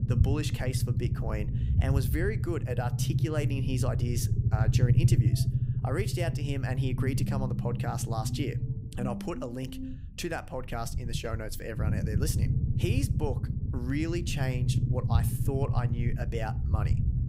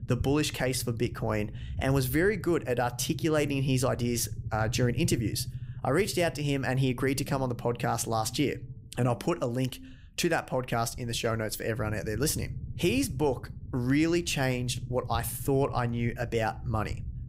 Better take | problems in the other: second | low rumble; loud; throughout; 5 dB below the speech; faint in the second

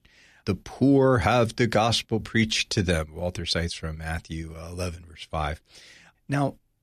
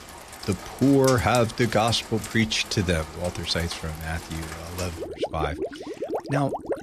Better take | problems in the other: first | rain or running water; loud; throughout; 10 dB below the speech

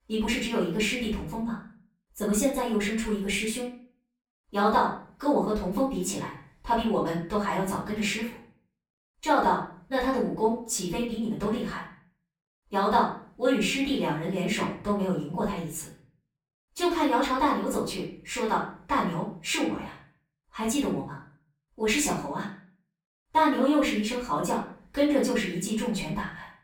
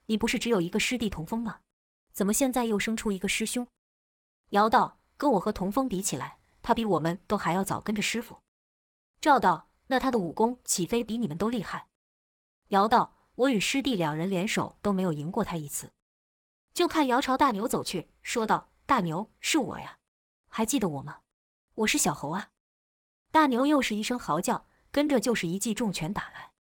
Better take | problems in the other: second | off-mic speech; far // room echo; slight; dies away in 0.4 s

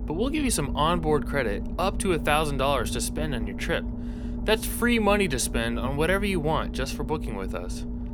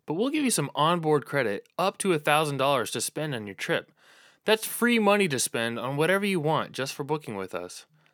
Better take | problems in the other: second | low rumble; noticeable; throughout; 15 dB below the speech

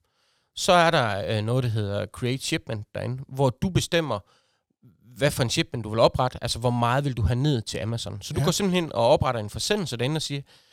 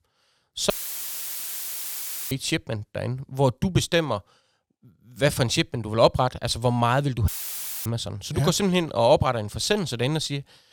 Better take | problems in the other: first | audio cutting out; filled with static; at 0.5 s for 1.5 s and at 7.5 s for 0.5 s

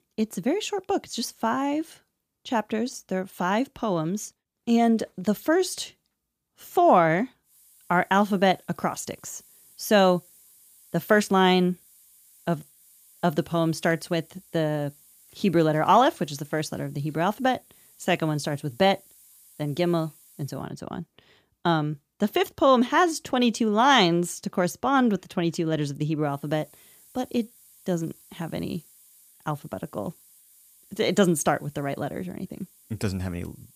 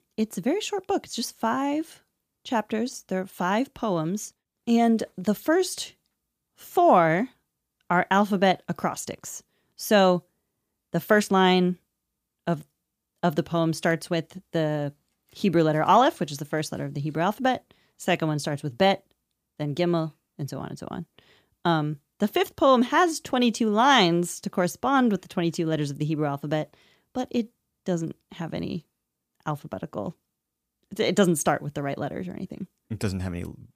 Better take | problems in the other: second | hiss; faint; from 7.5 to 21 s and from 26 s on; 30 dB below the speech

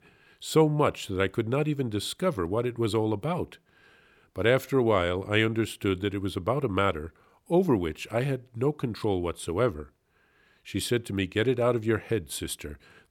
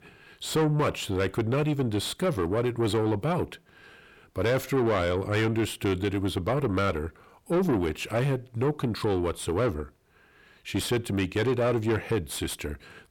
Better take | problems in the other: first | distortion; heavy; 7 dB below the speech

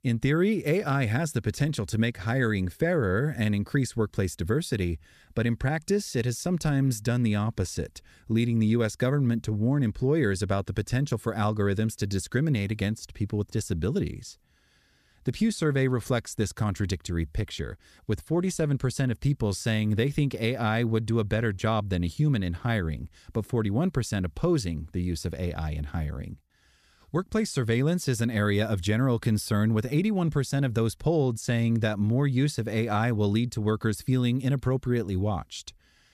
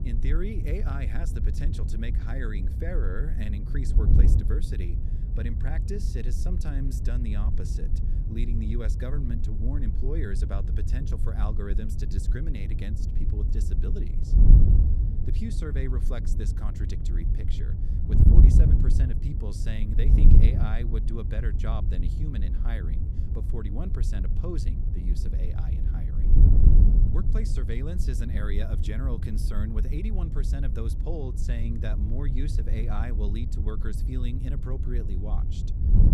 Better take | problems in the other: first | wind noise on the microphone; heavy; 1 dB below the speech

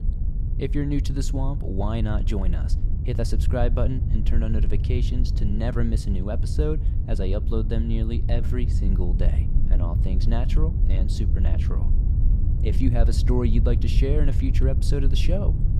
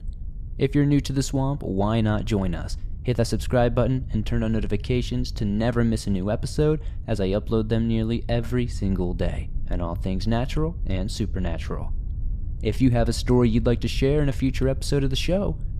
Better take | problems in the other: second | low rumble; loud; throughout; 8 dB below the speech; faint in the second

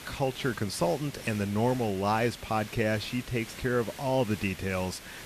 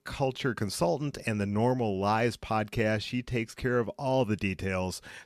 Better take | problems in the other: second | hiss; noticeable; throughout; 15 dB below the speech

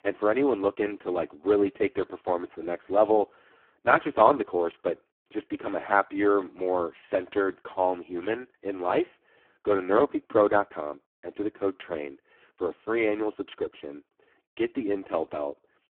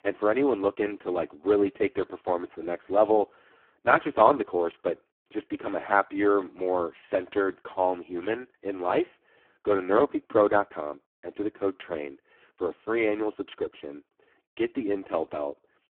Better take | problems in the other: neither | phone-call audio; poor line; the same in both

